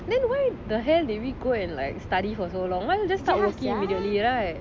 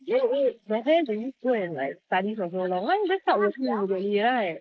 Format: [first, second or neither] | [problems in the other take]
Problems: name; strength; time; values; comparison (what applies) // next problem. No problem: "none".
first | noise reduction (neural mask model Resemble Enhance denoiser)